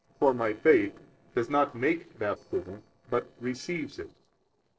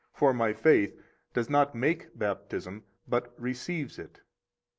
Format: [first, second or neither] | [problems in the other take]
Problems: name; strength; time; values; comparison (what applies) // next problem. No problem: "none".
second | noise reduction (neural separator model SepFormer DNS4)